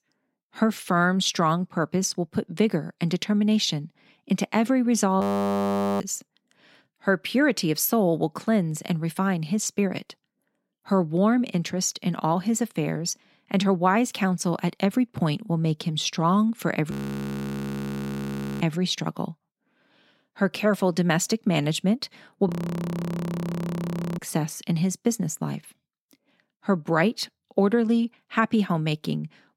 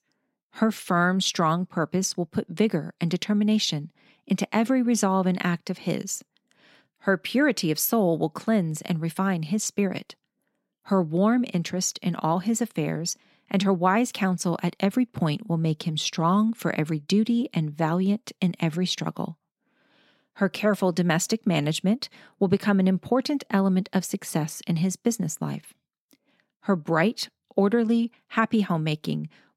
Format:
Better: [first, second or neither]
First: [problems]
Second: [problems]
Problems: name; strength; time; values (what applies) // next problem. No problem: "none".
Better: second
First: audio freezing; at 5 s for 1 s, at 17 s for 1.5 s and at 22 s for 1.5 s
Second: none